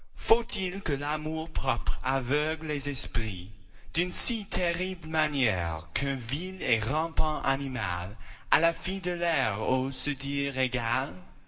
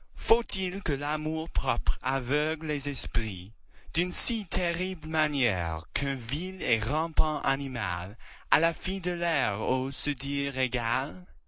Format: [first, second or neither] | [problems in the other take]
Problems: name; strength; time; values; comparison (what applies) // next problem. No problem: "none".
second | room echo; dies away in 0.6 s